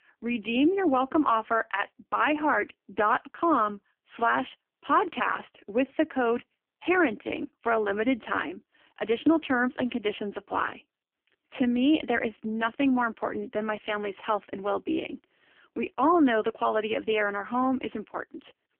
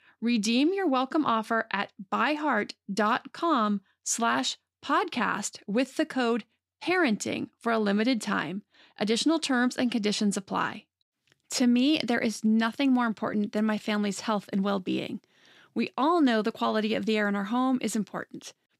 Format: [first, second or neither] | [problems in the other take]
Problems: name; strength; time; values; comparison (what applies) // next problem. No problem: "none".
second | phone-call audio; poor line; nothing above 3.5 kHz